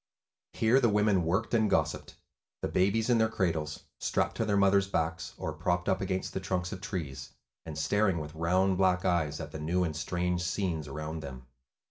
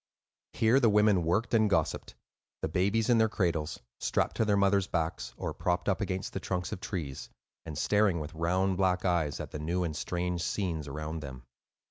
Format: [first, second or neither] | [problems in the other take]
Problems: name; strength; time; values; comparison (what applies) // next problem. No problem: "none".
second | room echo; dies away in 0.3 s